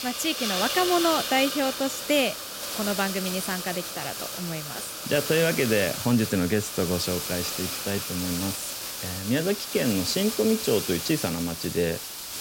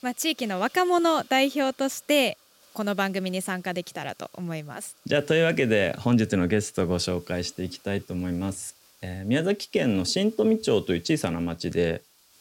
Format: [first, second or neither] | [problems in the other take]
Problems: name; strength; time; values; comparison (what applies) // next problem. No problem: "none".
second | hiss; loud; throughout; 4 dB below the speech; faint in the second